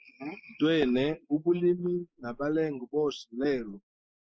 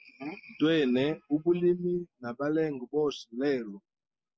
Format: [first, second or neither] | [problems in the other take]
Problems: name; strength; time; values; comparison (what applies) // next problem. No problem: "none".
second | noise reduction (neural mask model Resemble Enhance denoiser)